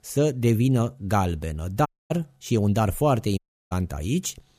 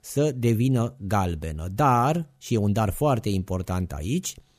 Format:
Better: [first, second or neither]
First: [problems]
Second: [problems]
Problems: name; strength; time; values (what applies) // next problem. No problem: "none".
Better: second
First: audio cutting out; at 2 s and at 3.5 s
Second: none